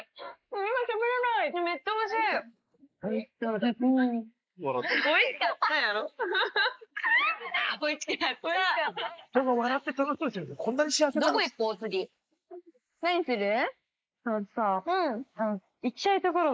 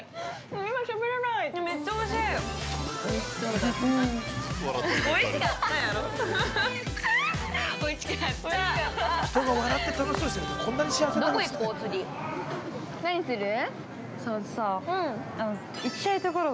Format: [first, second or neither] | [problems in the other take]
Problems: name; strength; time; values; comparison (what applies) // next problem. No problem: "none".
second | noise reduction (neural mask model Resemble Enhance denoiser)